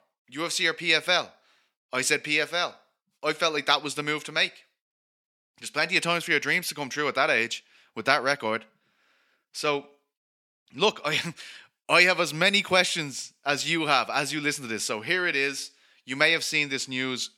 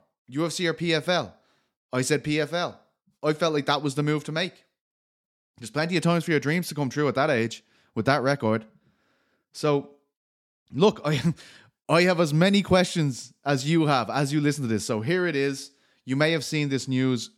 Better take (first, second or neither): second